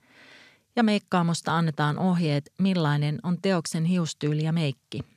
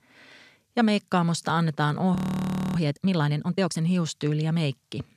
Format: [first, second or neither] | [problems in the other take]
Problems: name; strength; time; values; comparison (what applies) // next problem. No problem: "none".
first | audio freezing; at 2 s for 0.5 s